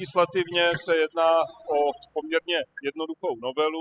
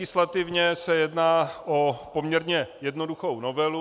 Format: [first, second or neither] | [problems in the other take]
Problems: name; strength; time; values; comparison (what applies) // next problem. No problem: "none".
second | noise reduction (classical method spectral subtraction)